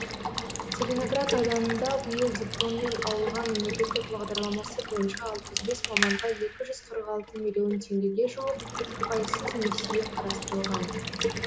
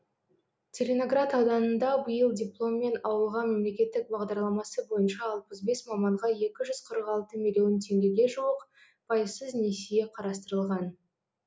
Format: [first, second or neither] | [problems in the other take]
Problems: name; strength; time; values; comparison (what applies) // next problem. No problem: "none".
second | background sound (Water tap, faucet / Water / Liquid); 3 dB below the speech